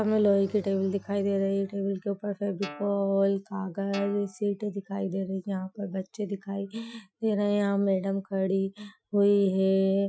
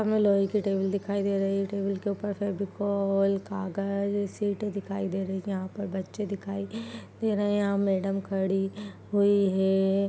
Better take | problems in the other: second | noise reduction (classical method Wiener filter)

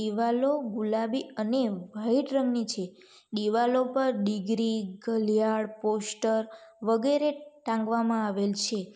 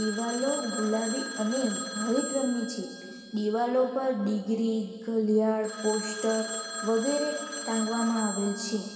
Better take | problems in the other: first | background sound (Telephone); 9 dB below the speech // room echo; dies away in 2.4 s

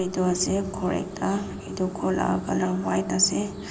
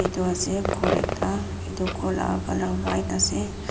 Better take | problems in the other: first | background sound (Clock + Fireworks); 3 dB below the speech

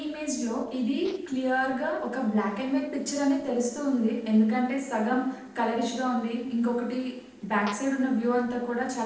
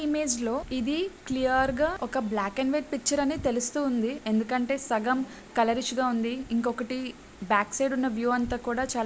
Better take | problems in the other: second | noise reduction (neural separator model SepFormer DNS4)

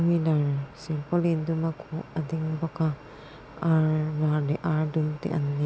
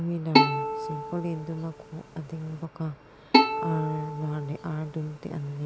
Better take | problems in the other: first | background sound (Bowed string instrument); 5 dB above the speech

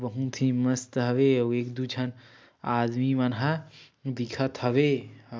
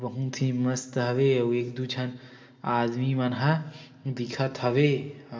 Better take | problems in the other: first | room echo; dies away in 2.9 s

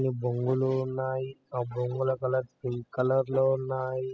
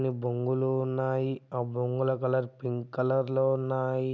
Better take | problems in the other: second | noise reduction (classical method spectral subtraction)

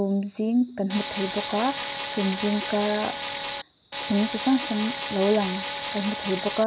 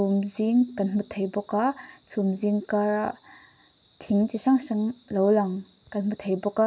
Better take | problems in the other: second | background sound (Tools); 6 dB below the speech

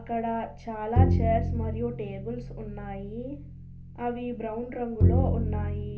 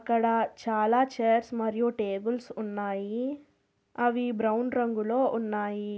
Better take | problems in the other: second | background sound (Bowed string instrument); 5 dB above the speech // room echo; dies away in 0.3 s

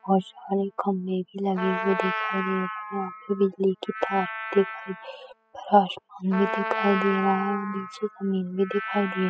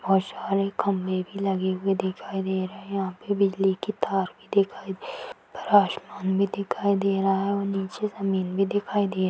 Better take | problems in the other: second | noise reduction (classical method spectral subtraction)

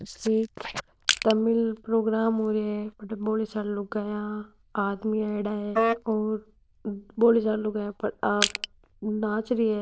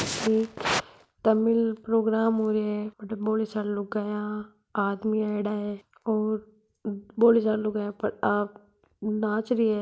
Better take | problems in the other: second | noise reduction (neural diffusion model UNIVERSE++)

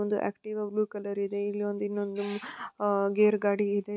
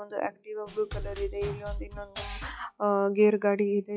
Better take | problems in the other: first | noise reduction (classical method log-MMSE)

